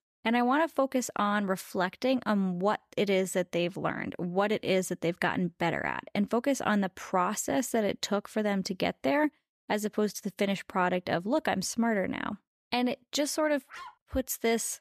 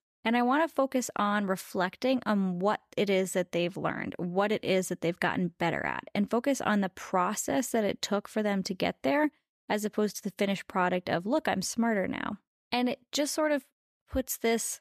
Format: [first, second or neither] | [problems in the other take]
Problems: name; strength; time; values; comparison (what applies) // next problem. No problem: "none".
second | dog barking; faint; at 14 s; peak 15 dB below the speech